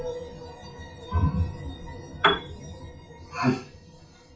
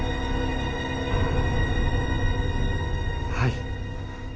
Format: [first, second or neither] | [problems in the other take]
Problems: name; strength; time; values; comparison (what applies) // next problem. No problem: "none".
second | noise reduction (classical method WPE with log-MMSE)